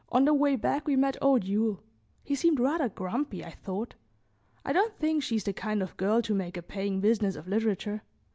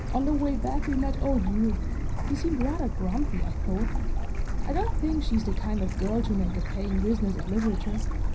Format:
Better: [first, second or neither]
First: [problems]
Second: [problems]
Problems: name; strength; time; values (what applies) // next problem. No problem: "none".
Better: first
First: none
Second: background sound (Stream / Bird); 3 dB above the speech // room echo; dies away in 0.4 s